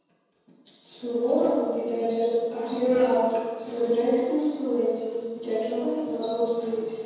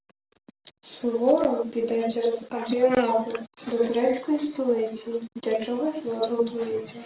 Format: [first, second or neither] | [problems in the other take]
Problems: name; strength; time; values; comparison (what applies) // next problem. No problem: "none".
second | room echo; dies away in 1.2 s